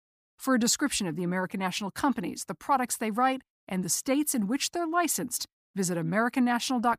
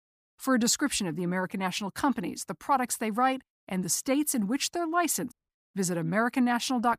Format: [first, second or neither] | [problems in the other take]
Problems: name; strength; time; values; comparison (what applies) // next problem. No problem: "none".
first | audio cutting out; at 5.5 s